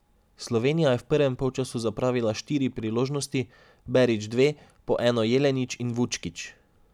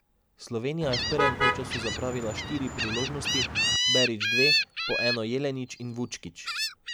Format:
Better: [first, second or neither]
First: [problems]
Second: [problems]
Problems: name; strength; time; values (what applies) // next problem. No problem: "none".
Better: first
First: none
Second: background sound (Gull, seagull + Motor vehicle (road)); 3 dB above the speech